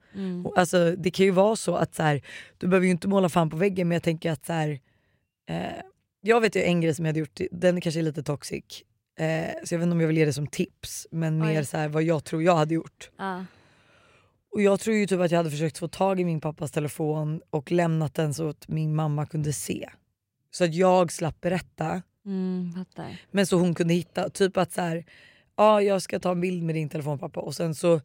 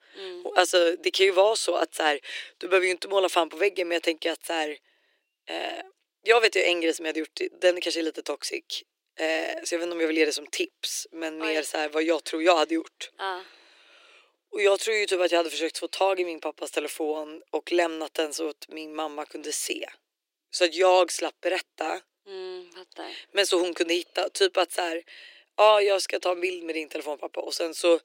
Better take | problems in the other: first | thin; very; fading below 300 Hz

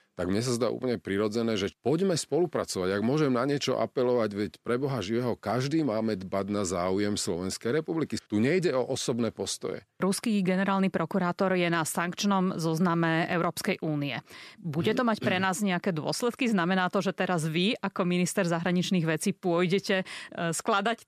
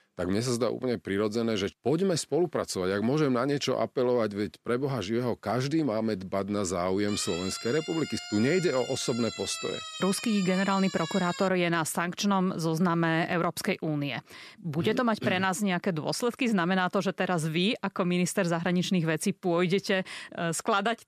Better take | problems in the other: first | siren; noticeable; from 7 to 11 s; peak 8 dB below the speech

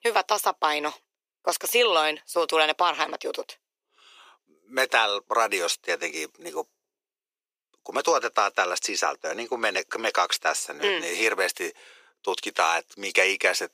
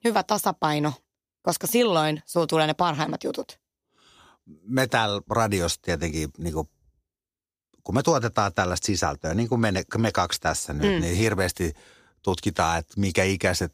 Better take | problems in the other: second | thin; very; fading below 400 Hz

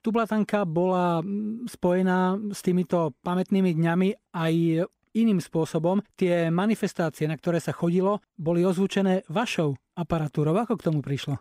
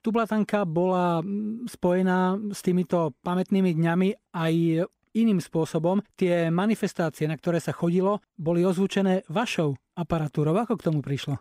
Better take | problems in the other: neither | none

